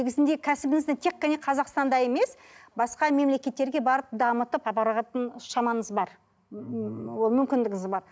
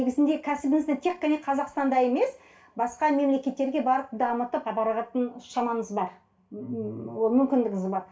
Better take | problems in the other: first | room echo; dies away in 0.3 s

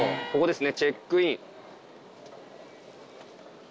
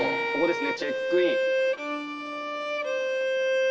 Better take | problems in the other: first | background sound (Bowed string instrument); 5 dB above the speech // room echo; dies away in 1.3 s

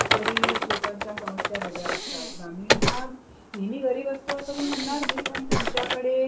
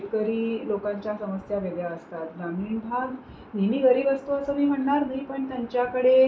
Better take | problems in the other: second | background sound (Typing + Breathing); 3 dB above the speech

